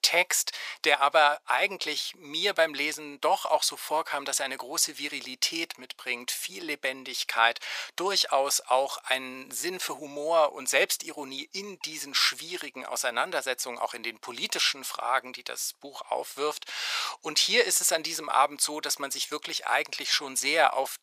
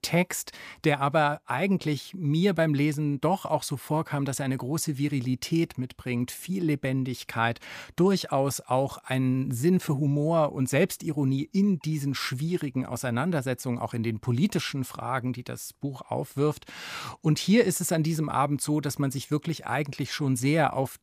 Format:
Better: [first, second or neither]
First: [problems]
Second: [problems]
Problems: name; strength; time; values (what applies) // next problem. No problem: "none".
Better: second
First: thin; very; fading below 550 Hz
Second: none